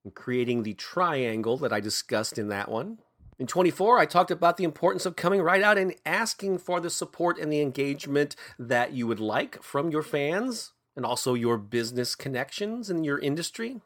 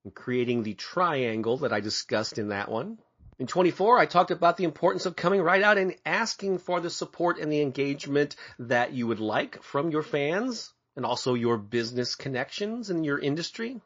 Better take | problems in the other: first | garbled, watery; slightly

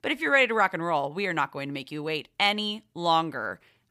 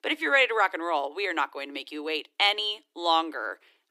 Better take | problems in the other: first | thin; somewhat; fading below 300 Hz

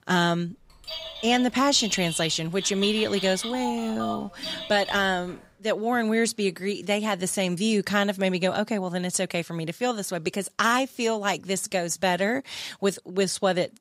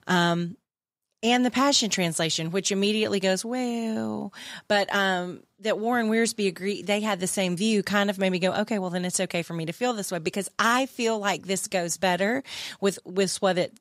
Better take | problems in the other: second | phone ringing; noticeable; from 1 to 5.5 s; peak 7 dB below the speech

